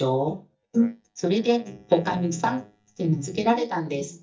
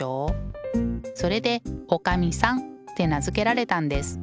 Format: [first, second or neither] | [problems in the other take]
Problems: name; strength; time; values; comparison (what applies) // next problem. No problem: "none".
second | noise reduction (neural mask model DeepFilterNet 3)